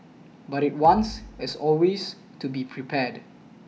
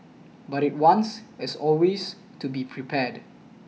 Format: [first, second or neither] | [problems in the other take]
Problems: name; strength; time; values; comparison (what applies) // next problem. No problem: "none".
second | background sound (Bass drum); 17 dB below the speech